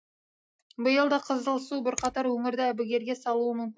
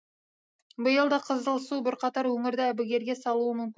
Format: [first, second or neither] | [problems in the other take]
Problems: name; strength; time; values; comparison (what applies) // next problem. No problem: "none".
second | noise reduction (classical method log-MMSE)